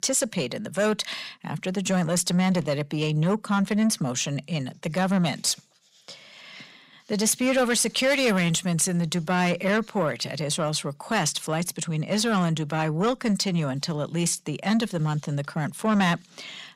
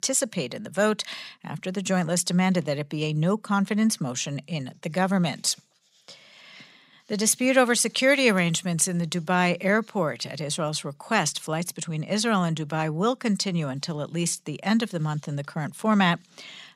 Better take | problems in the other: second | distortion; slight; 10 dB below the speech

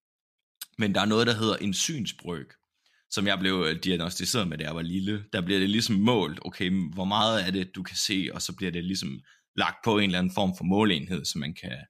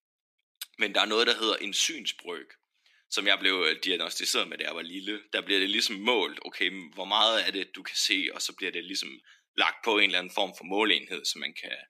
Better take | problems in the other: first | thin; somewhat; fading below 300 Hz

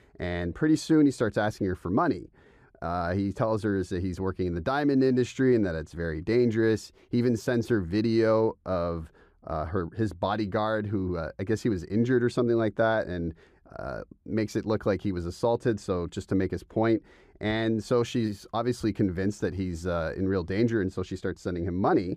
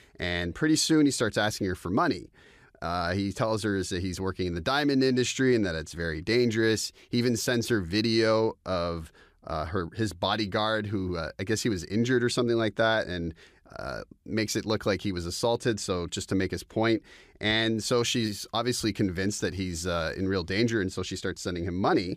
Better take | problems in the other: second | muffled; slightly; fading above 2 kHz

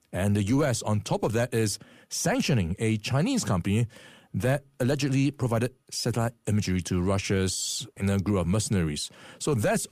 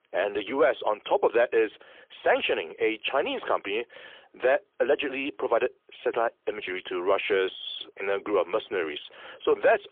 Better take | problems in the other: first | phone-call audio; poor line; nothing above 3.5 kHz

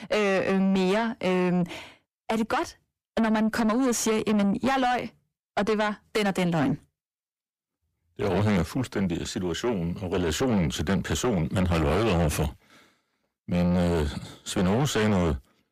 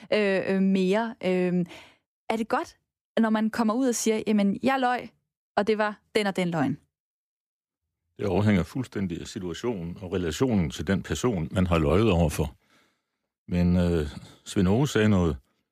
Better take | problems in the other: second | distortion; heavy; 7 dB below the speech

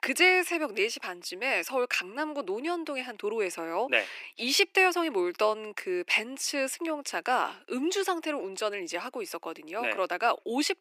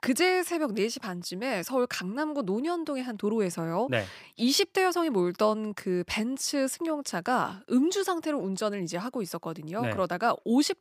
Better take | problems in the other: second | thin; somewhat; fading below 350 Hz

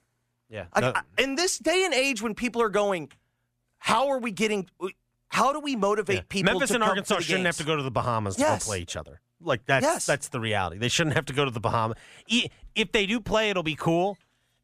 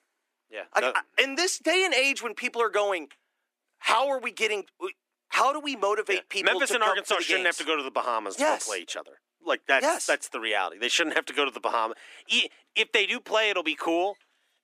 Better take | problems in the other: first | thin; somewhat; fading below 300 Hz

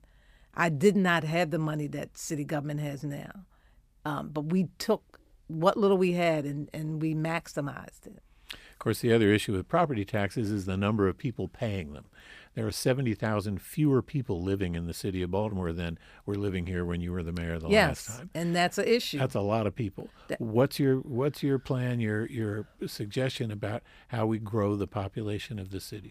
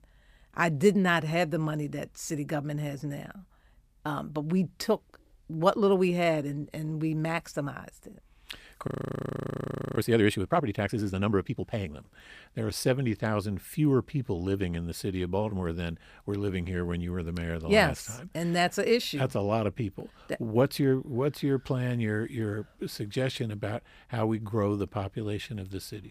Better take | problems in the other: first | audio freezing; at 9 s for 1 s

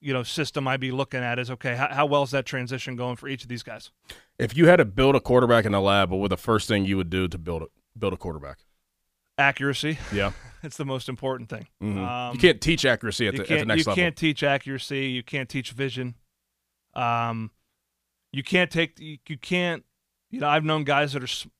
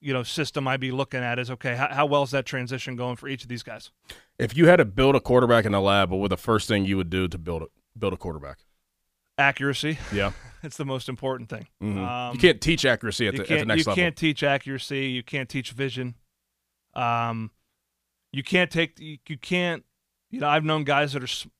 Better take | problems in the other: neither | none

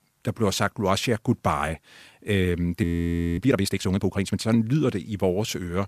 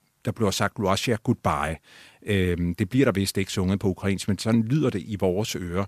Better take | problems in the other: second | audio freezing; at 3 s for 0.5 s

